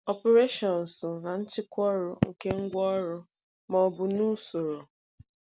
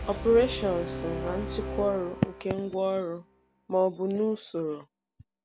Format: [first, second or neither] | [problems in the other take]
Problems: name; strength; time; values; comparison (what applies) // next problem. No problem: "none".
first | background sound (Brass instrument); 10 dB below the speech